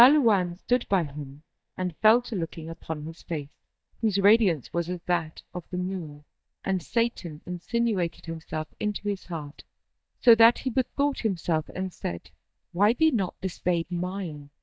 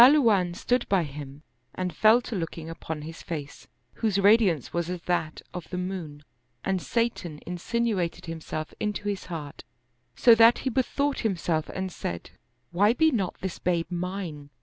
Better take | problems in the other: second | noise reduction (neural mask model DeepFilterNet 3)

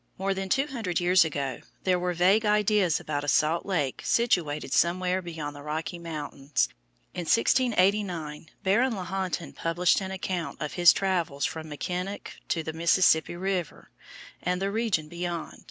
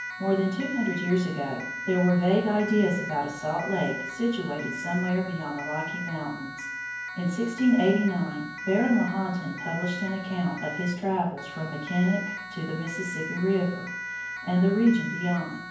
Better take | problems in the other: first | background sound (Siren); 10 dB below the speech // room echo; dies away in 0.9 s

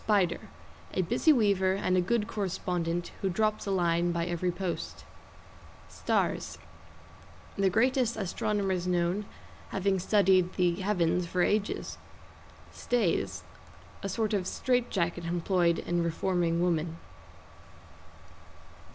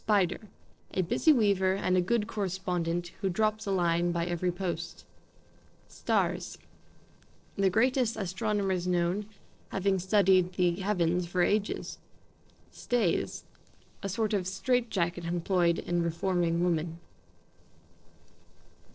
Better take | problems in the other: first | noise reduction (neural separator model SepFormer DNS4)

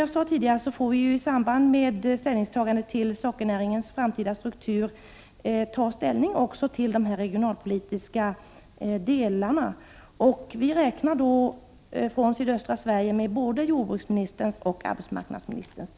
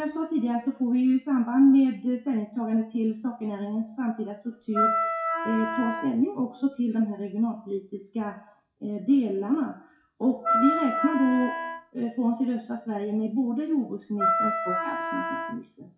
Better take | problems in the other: first | noise reduction (classical method WPE with log-MMSE)

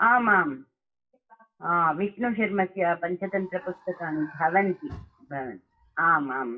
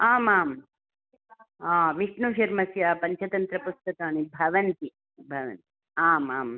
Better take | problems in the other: second | noise reduction (classical method WPE with log-MMSE)

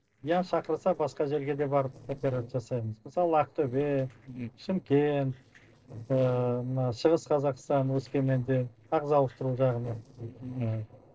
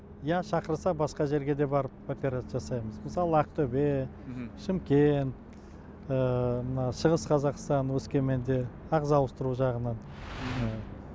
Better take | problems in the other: second | noise reduction (neural separator model SepFormer DNS4)

